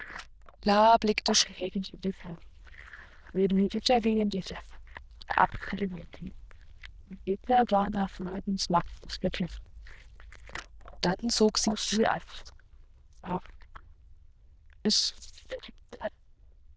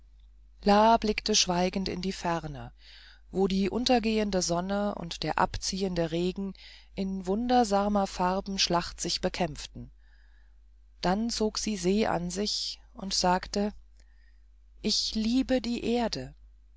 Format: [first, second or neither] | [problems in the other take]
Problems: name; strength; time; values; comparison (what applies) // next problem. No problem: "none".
second | noise reduction (neural diffusion model UNIVERSE++)